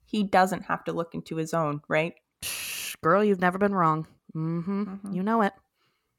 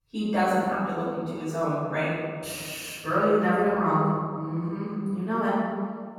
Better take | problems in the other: first | room echo; strong; dies away in 1.7 s // off-mic speech; far

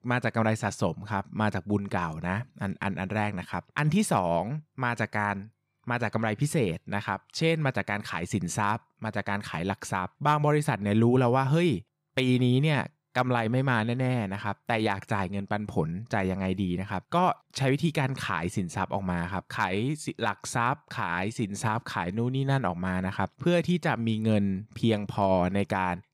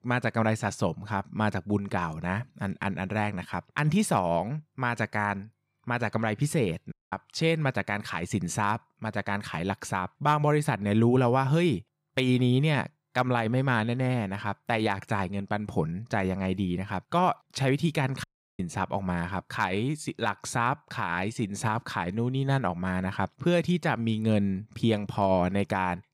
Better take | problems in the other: first | audio cutting out; at 7 s and at 18 s

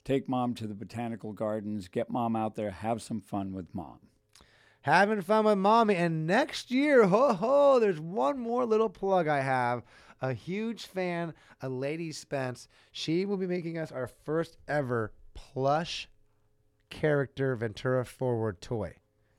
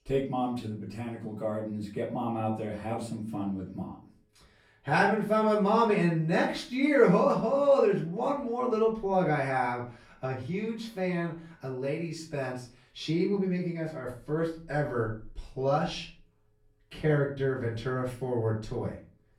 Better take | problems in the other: first | off-mic speech; far // room echo; slight; dies away in 0.3 s

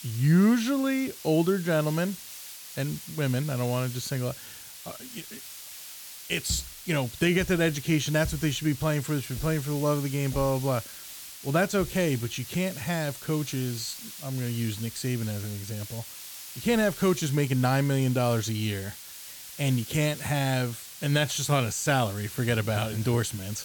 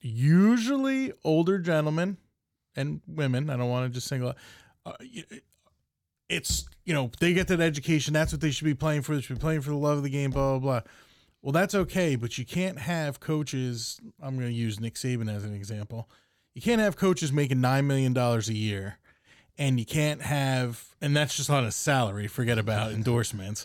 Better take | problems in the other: second | hiss; noticeable; throughout; 10 dB below the speech

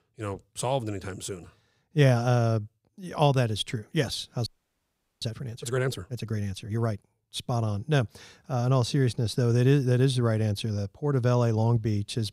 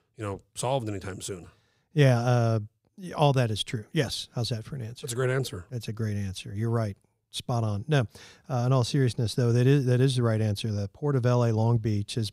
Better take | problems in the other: second | audio freezing; at 4.5 s for 1 s

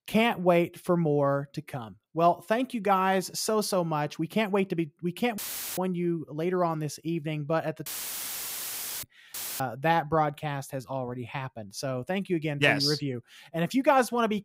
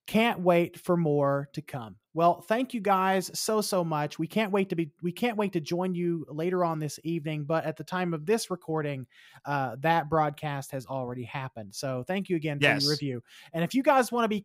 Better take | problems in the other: second | audio cutting out; filled with static; at 5.5 s, at 8 s for 1 s and at 9.5 s

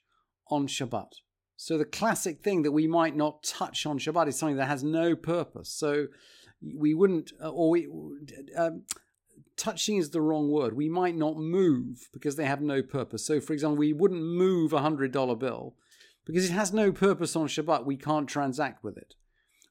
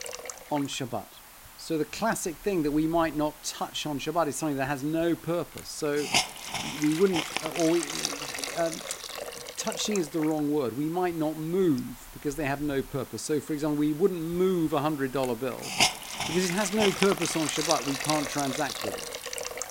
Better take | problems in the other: first | hiss; loud; throughout; 2 dB below the speech

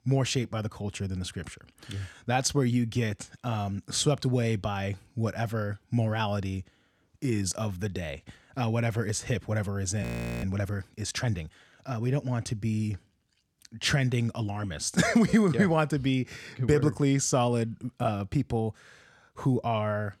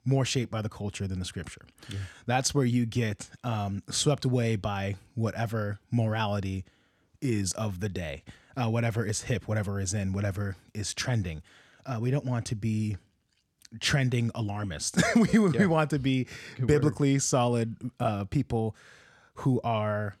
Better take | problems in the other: second | audio freezing; at 10 s

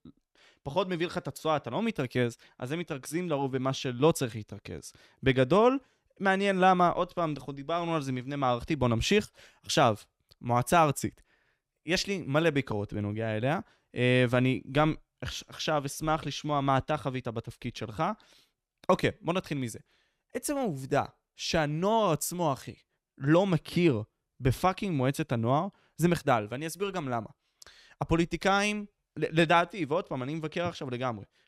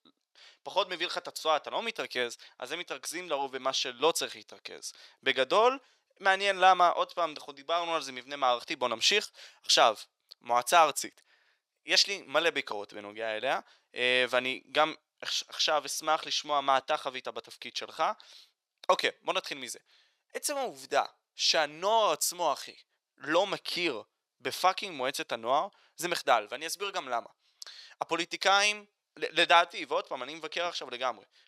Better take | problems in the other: first | thin; very; fading below 650 Hz

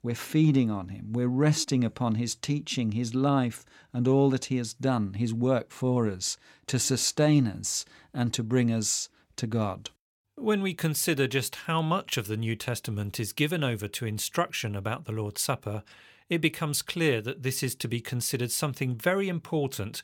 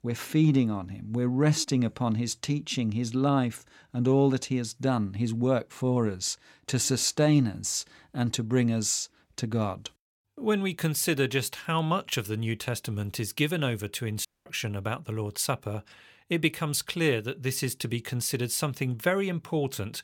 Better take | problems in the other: first | audio cutting out; at 14 s

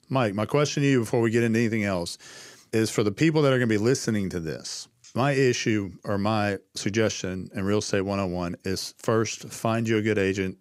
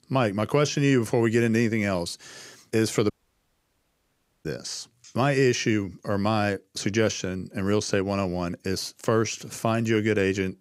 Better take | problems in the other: first | audio cutting out; at 3 s for 1.5 s

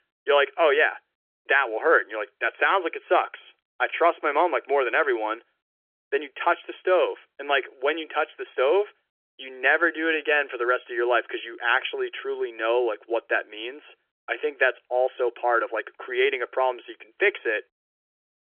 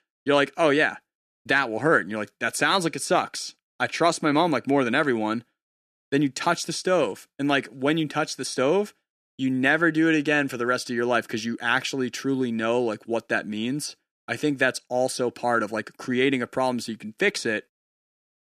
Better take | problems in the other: second | phone-call audio; nothing above 3.5 kHz

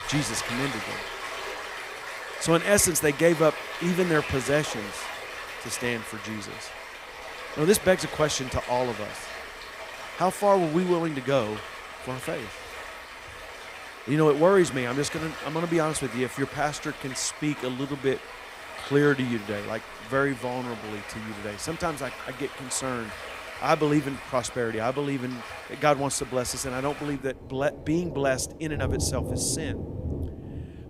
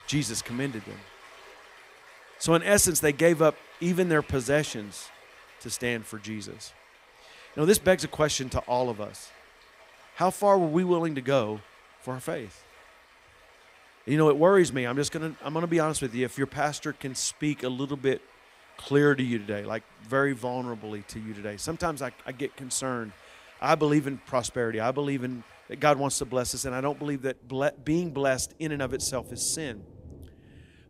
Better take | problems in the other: second | rain or running water; loud; throughout; 10 dB below the speech; faint in the second

